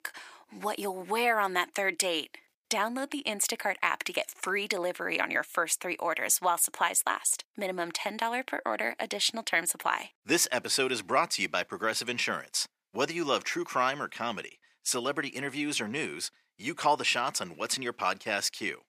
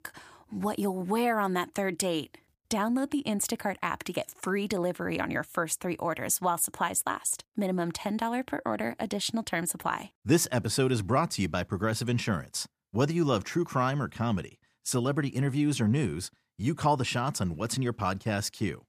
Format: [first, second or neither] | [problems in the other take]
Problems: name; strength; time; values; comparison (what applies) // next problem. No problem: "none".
second | thin; somewhat; fading below 400 Hz